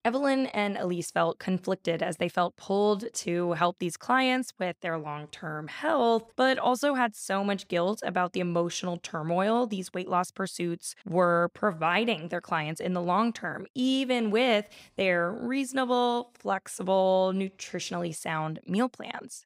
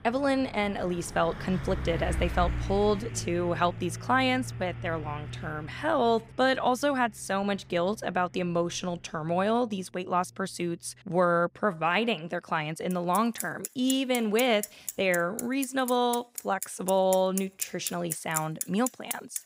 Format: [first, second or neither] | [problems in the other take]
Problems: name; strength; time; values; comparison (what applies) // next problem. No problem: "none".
first | traffic noise; loud; throughout; 9 dB below the speech